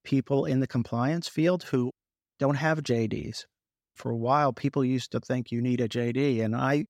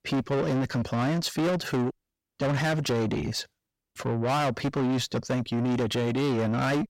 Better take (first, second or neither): first